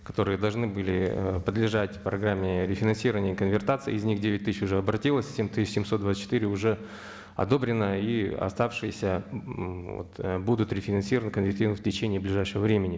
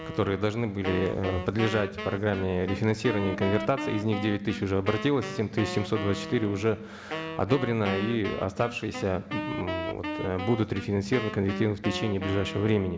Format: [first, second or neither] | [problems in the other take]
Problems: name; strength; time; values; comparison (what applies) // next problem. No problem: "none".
first | background sound (Wind instrument, woodwind instrument); 9 dB below the speech